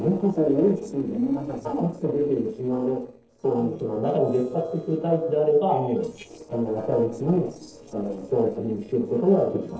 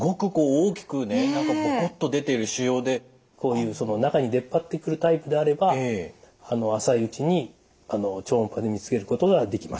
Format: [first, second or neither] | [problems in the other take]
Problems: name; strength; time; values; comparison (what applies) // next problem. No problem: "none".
second | noise reduction (neural separator model SepFormer DNS4)